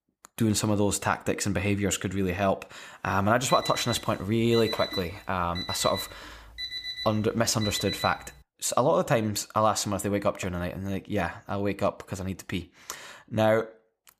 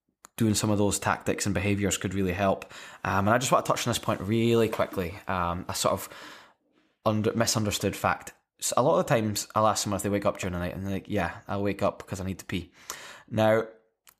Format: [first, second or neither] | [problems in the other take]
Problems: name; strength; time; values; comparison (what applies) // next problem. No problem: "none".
second | alarm; noticeable; from 3.5 to 8.5 s; peak 5 dB below the speech